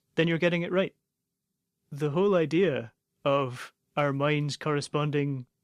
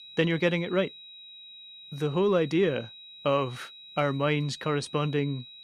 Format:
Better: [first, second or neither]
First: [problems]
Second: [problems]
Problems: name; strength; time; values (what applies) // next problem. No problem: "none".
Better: first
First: none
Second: high-pitched whine; noticeable; throughout; 4 kHz, 15 dB below the speech